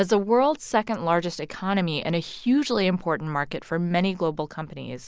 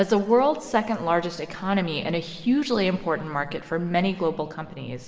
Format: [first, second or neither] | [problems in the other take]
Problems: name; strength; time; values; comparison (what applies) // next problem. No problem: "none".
first | room echo; dies away in 2.1 s